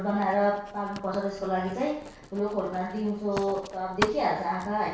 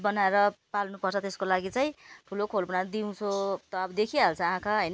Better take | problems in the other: second | background sound (Writing); 12 dB below the speech // room echo; dies away in 0.6 s

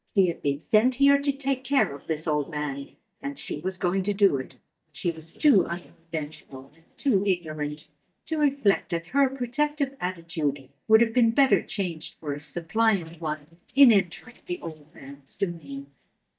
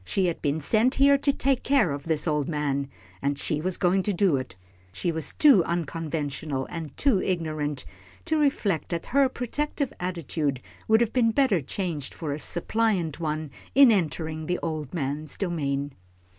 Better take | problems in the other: second | noise reduction (neural mask model DeepFilterNet 3)

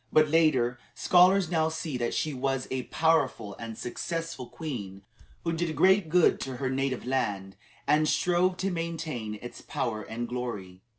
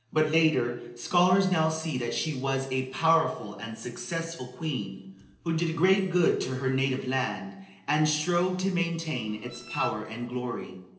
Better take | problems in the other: first | noise reduction (neural separator model SepFormer DNS4)

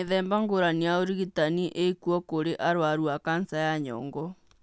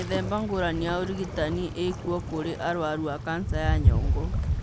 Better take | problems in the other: first | background sound (Waves, surf); 1 dB above the speech

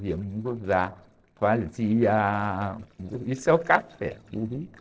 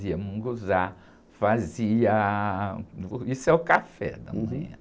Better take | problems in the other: second | noise reduction (neural separator model SepFormer DNS4)

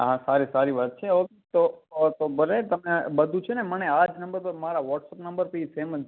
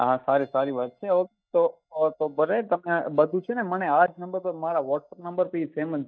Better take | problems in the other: first | noise reduction (neural mask model DeepFilterNet 3)

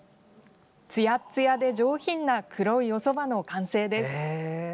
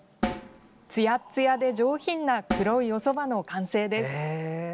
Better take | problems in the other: first | background sound (Snare drum); 10 dB below the speech

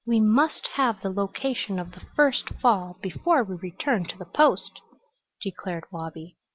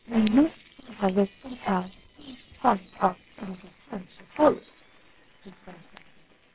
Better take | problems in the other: first | noise reduction (neural separator model SepFormer WHAMR!)

